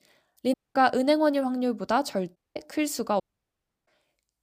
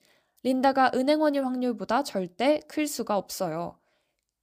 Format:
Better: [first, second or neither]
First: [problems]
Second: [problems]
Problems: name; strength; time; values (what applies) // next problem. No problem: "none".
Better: second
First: audio cutting out; at 0.5 s, at 2.5 s and at 3 s for 0.5 s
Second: none